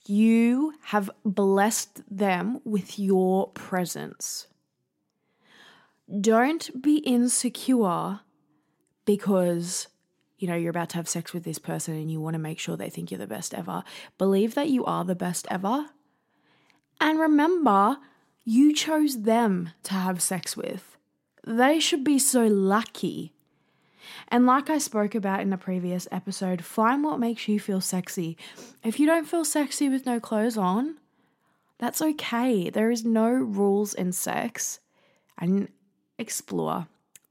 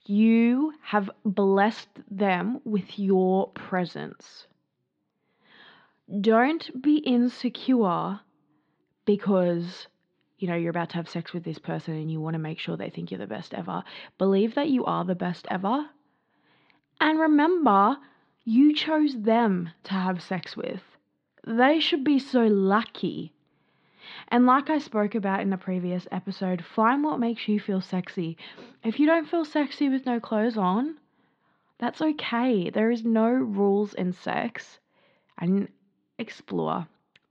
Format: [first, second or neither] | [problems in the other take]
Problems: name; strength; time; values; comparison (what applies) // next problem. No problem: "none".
first | muffled; slightly; fading above 4 kHz